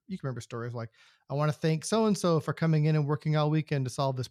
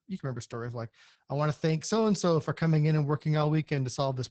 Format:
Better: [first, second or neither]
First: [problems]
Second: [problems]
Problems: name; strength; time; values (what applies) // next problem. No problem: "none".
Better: first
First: none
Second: garbled, watery; badly; nothing above 7.5 kHz